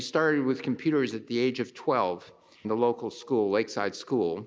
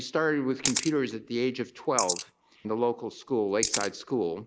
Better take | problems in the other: first | noise reduction (neural mask model Resemble Enhance denoiser)

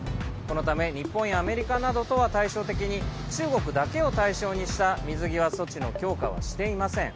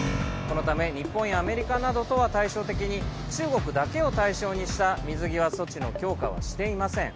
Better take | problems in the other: first | background sound (Keyboard (musical)); 13 dB below the speech

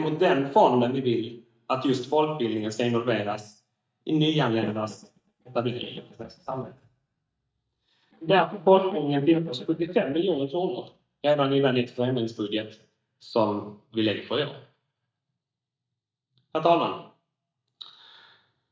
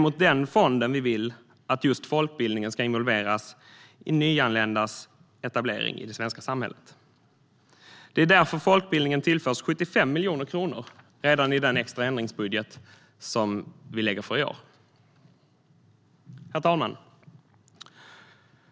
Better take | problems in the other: second | noise reduction (neural mask model DeepFilterNet 3)

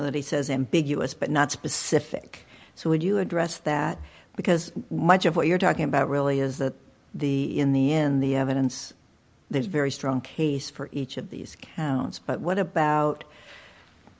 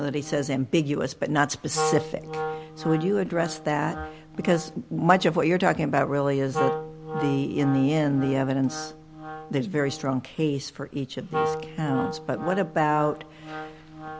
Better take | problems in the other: first | background sound (Wind instrument, woodwind instrument); 9 dB below the speech

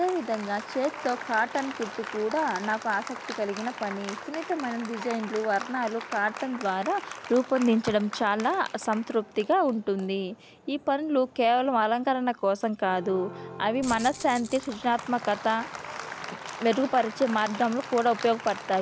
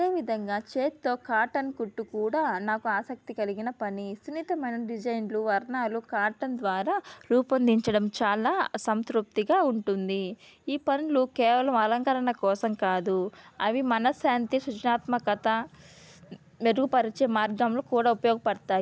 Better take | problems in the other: second | background sound (Rattle (instrument) + Applause); 13 dB below the speech

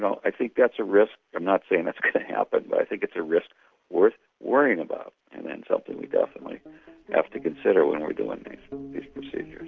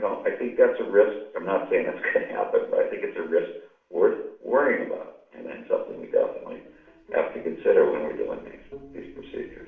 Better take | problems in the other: first | room echo; dies away in 0.6 s

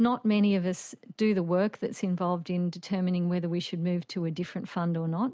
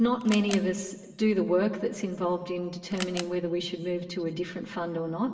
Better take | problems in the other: first | background sound (Camera); 17 dB below the speech // room echo; dies away in 1.3 s

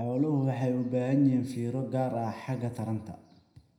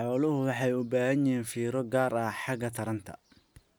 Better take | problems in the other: second | room echo; dies away in 0.8 s

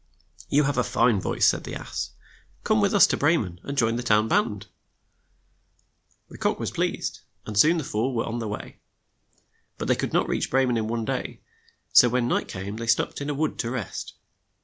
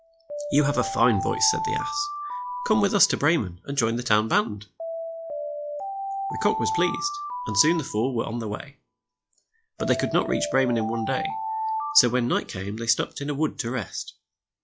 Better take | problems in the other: first | noise reduction (classical method log-MMSE)

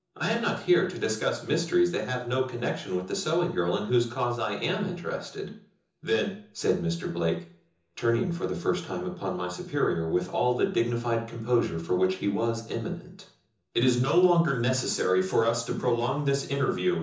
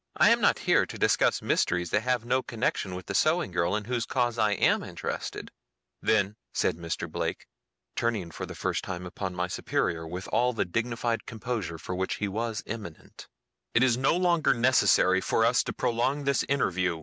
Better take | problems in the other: second | room echo; dies away in 0.6 s

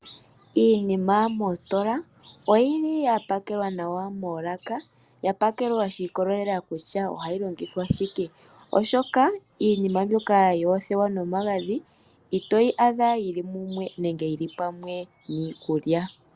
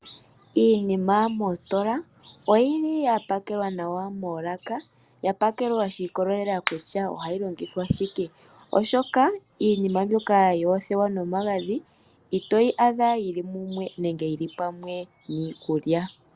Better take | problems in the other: first | background sound (Finger snapping); 12 dB below the speech

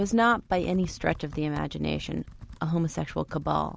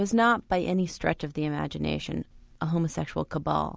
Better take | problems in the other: second | background sound (Computer keyboard); 17 dB below the speech

